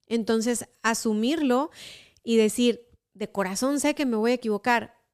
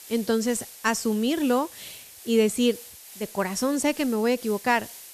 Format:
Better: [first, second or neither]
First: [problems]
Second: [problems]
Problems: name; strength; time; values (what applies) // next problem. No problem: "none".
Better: first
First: none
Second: hiss; noticeable; throughout; 15 dB below the speech